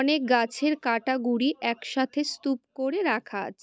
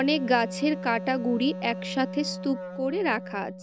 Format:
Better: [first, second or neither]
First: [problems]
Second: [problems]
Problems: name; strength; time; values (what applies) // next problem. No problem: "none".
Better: first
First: none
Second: background sound (Wind instrument, woodwind instrument); 9 dB below the speech